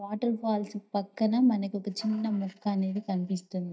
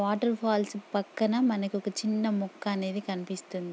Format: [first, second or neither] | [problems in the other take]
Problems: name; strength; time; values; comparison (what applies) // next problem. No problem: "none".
second | noise reduction (neural mask model DeepFilterNet 3)